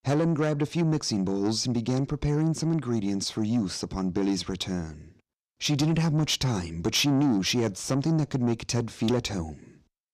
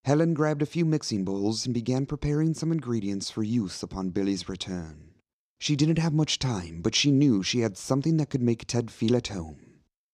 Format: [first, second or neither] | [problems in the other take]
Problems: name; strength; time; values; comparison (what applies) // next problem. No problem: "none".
second | distortion; slight; 10 dB below the speech